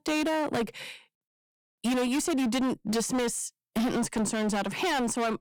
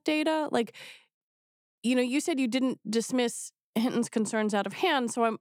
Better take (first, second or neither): second